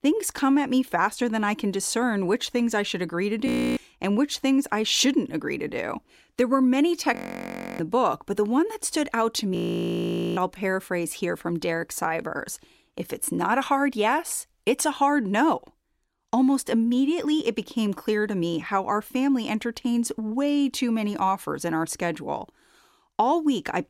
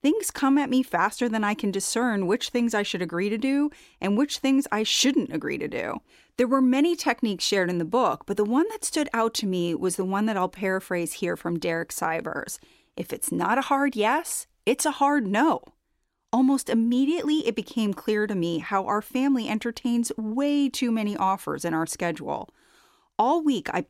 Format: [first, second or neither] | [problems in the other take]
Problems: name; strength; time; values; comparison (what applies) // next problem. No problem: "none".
second | audio freezing; at 3.5 s, at 7 s for 0.5 s and at 9.5 s for 1 s